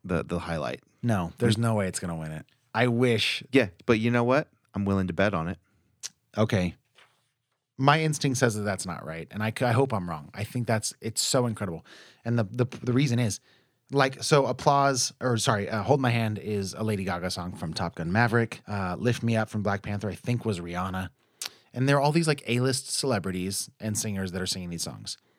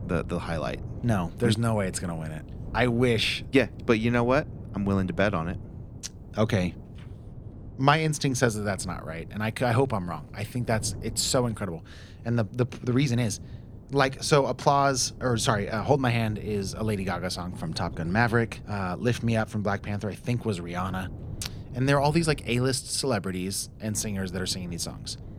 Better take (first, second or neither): first